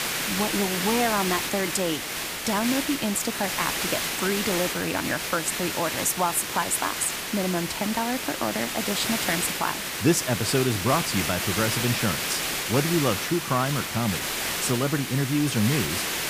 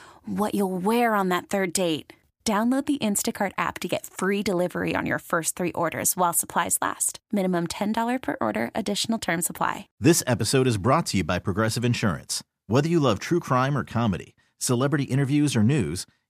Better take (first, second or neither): second